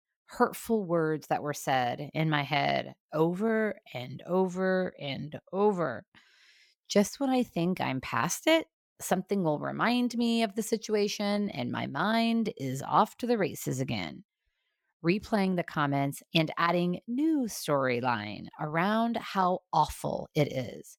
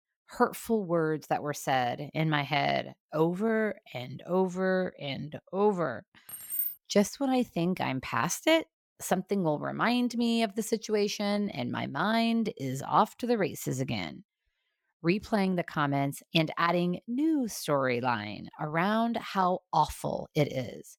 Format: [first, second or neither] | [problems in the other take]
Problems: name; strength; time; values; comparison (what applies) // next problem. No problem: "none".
first | jangling keys; noticeable; at 6.5 s; peak 1 dB below the speech